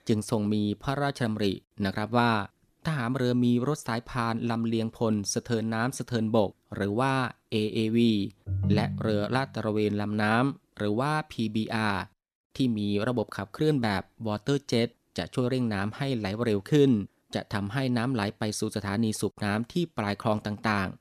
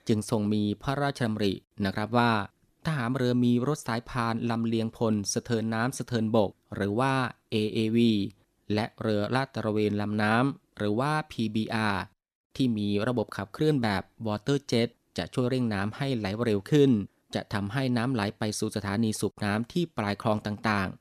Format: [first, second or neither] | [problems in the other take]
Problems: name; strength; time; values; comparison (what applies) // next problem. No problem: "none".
second | phone ringing; loud; at 8.5 s; peak level with the speech